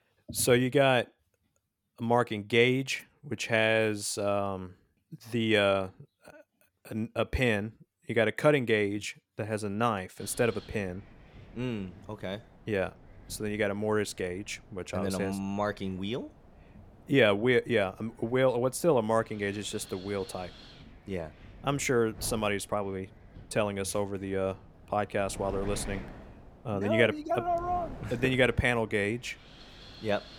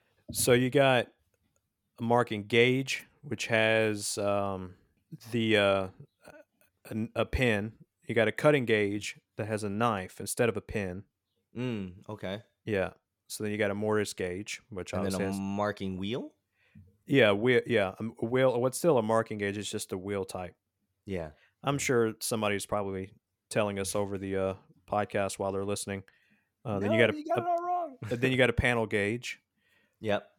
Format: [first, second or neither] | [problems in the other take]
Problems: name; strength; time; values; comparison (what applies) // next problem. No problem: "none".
second | wind noise on the microphone; occasional gusts; from 10 s on; 25 dB below the speech